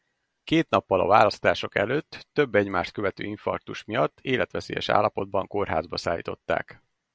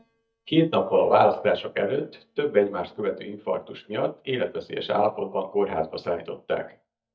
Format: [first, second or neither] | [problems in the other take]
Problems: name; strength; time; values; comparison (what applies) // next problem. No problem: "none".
first | noise reduction (neural mask model DeepFilterNet 3)